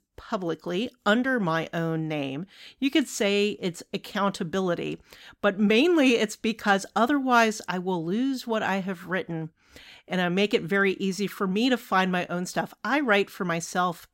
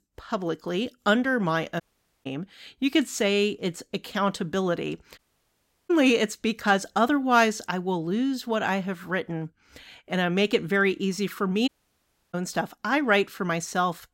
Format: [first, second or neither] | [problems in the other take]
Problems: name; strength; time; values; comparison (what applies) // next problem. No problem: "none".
first | audio cutting out; at 2 s, at 5 s for 0.5 s and at 12 s for 0.5 s